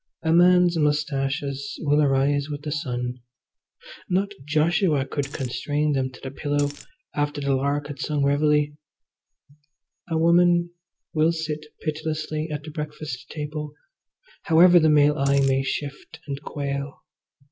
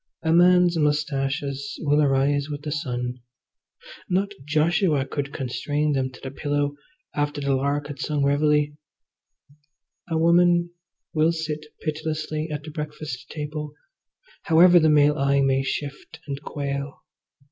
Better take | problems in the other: second | background sound (Coin (dropping)); 16 dB below the speech

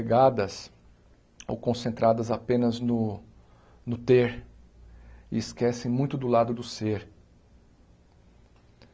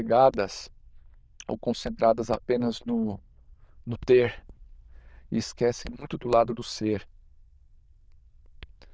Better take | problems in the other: first | noise reduction (neural diffusion model UNIVERSE++)

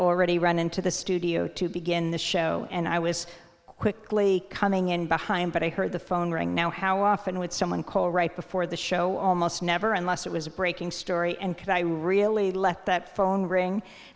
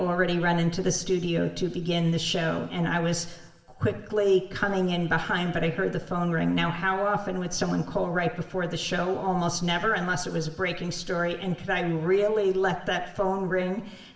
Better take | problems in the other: first | room echo; dies away in 0.7 s

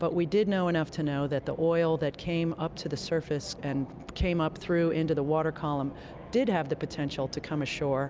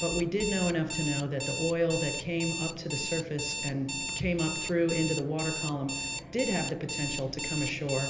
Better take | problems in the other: first | background sound (Alarm); 5 dB below the speech // room echo; dies away in 0.8 s

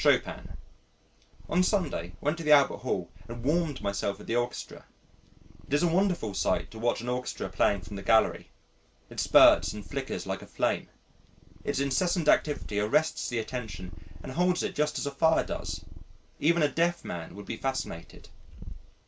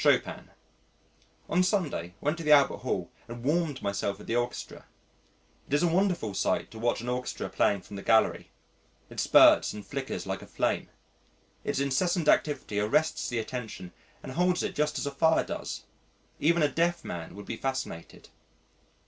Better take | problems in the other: second | background sound (Purr); 13 dB below the speech

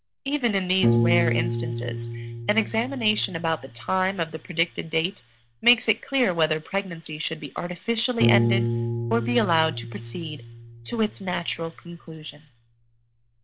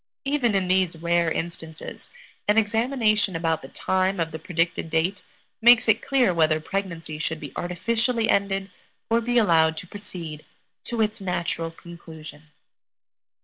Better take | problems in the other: second | background sound (Piano); 3 dB below the speech

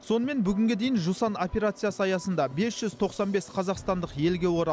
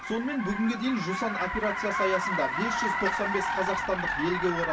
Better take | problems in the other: first | background sound (Car); 1 dB below the speech // room echo; dies away in 0.2 s

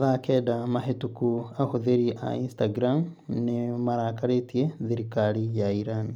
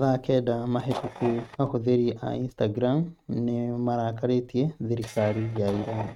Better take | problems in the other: first | noise reduction (neural mask model RNNoise)

